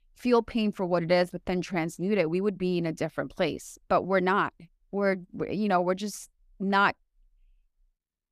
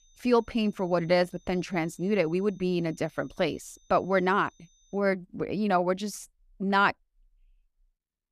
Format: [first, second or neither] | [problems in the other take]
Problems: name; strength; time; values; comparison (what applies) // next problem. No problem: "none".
first | high-pitched whine; faint; until 5 s; 6 kHz, 35 dB below the speech